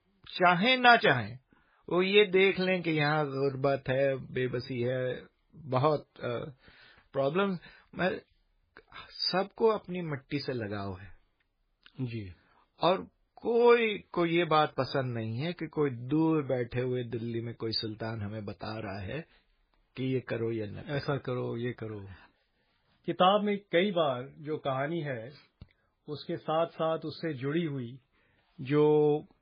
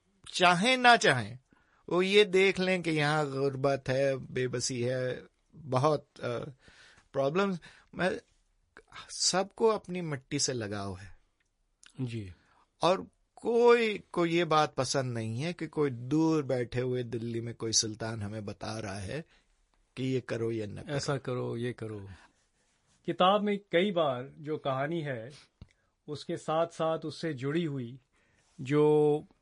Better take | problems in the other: second | garbled, watery; badly; nothing above 5 kHz; slightly in the second

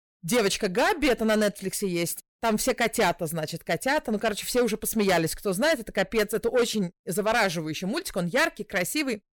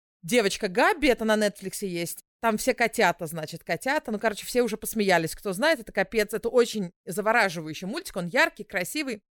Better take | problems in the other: second | distortion; heavy; 8 dB below the speech

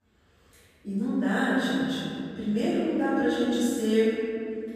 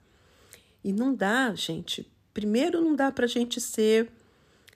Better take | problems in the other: second | off-mic speech; far // room echo; strong; dies away in 2.8 s

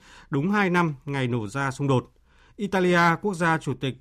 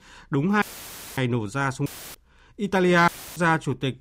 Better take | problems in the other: first | audio cutting out; filled with static; at 0.5 s for 0.5 s, at 2 s and at 3 s

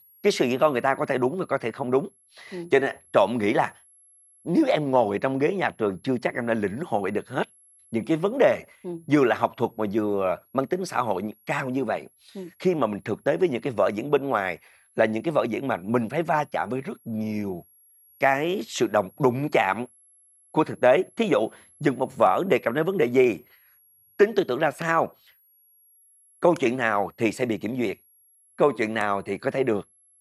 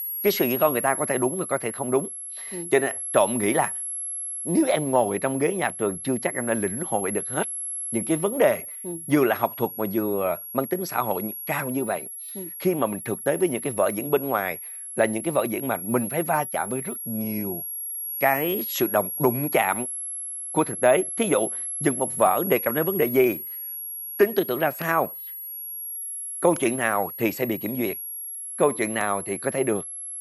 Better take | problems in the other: first | high-pitched whine; loud; throughout; 11 kHz, 6 dB below the speech; faint in the first

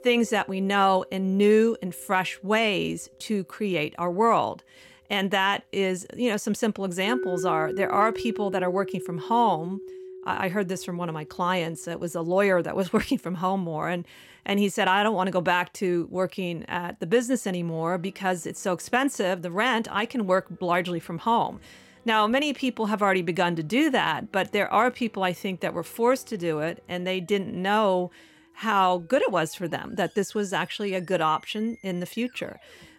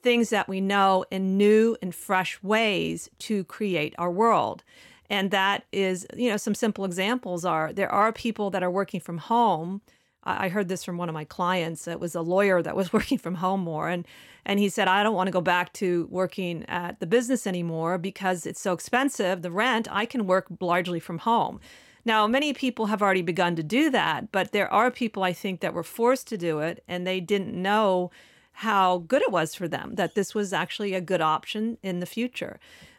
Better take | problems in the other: second | background music; noticeable; throughout; 10 dB below the speech

